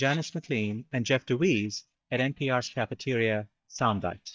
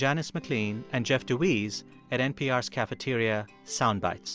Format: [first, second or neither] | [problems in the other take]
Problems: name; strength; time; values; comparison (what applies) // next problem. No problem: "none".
second | noise reduction (neural mask model DeepFilterNet 3)